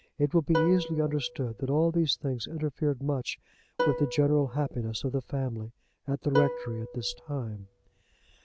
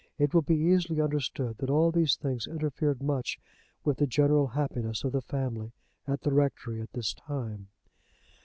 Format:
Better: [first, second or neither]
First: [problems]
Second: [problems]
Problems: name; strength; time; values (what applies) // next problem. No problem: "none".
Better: second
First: background sound (Plucked string instrument); 7 dB below the speech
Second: none